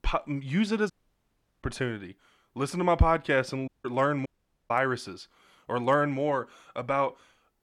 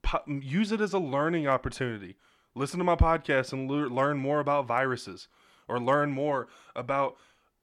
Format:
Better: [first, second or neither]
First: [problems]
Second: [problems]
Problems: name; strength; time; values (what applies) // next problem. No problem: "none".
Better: second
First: audio cutting out; at 1 s for 0.5 s, at 3.5 s and at 4.5 s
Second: none